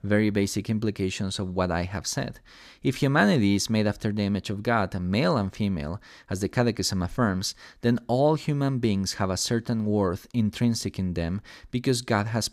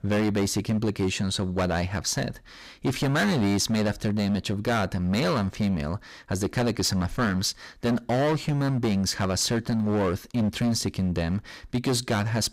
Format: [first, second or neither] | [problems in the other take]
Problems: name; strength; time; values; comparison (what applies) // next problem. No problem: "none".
first | distortion; heavy; 16% of the sound clipped